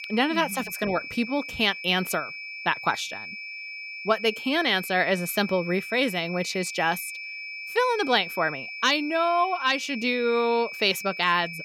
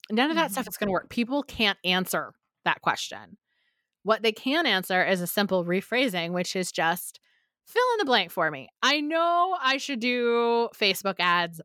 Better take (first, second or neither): second